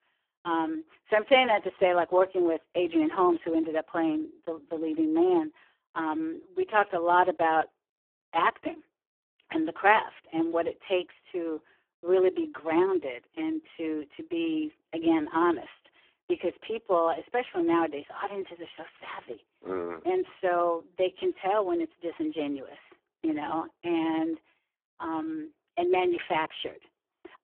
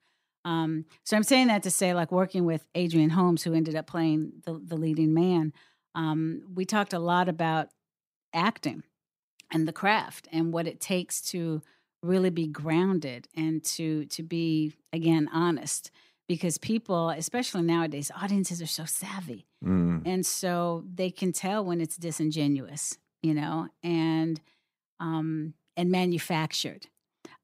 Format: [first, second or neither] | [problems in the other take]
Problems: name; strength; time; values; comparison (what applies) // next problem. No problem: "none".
second | phone-call audio; poor line